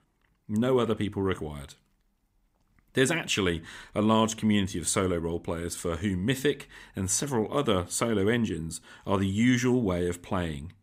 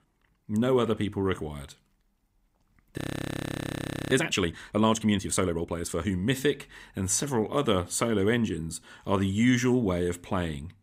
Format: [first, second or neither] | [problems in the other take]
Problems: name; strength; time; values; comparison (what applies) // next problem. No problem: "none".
first | audio freezing; at 3 s for 1 s